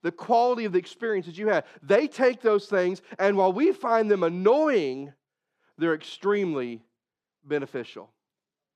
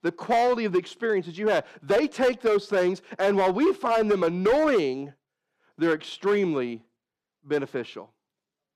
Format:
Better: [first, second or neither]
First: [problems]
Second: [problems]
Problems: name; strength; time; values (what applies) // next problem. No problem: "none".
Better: first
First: none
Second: distortion; slight; 7% of the sound clipped